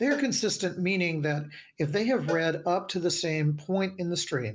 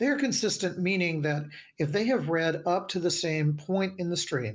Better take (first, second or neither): second